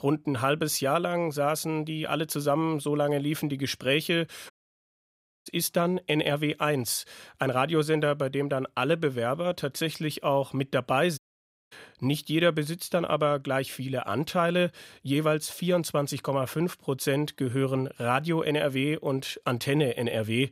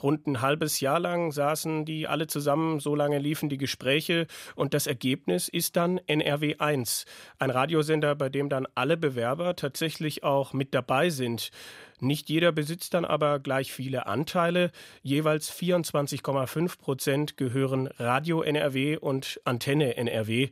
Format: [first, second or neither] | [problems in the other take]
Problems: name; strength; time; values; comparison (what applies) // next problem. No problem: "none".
second | audio cutting out; at 4.5 s for 1 s and at 11 s for 0.5 s